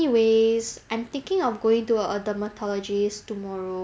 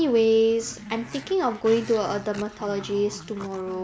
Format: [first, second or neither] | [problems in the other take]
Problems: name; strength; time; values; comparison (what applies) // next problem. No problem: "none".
first | background sound (Growling); 18 dB below the speech